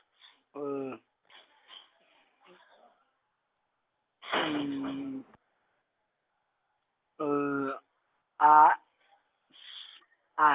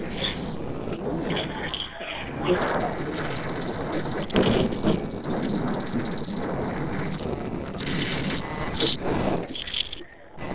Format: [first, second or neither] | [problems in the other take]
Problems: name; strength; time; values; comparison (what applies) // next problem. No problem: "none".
first | noise reduction (neural separator model SepFormer DNS4)